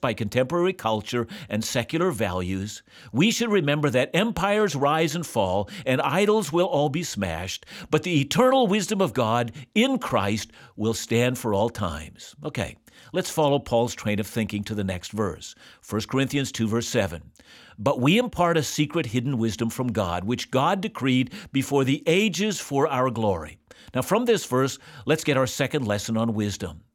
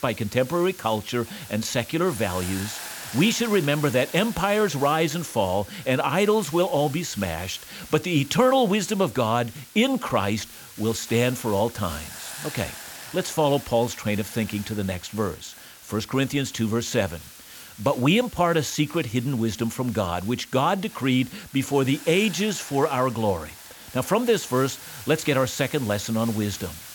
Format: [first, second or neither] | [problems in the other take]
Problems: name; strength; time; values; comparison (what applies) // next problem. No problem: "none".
first | hiss; noticeable; throughout; 15 dB below the speech